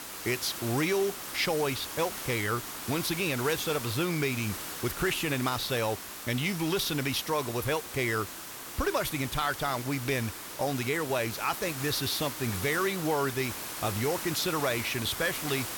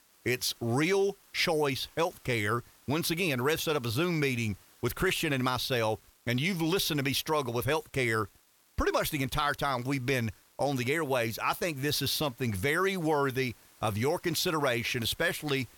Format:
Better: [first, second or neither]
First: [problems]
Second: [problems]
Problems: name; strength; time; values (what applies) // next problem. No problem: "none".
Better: second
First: hiss; loud; throughout; 7 dB below the speech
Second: hiss; faint; throughout; 30 dB below the speech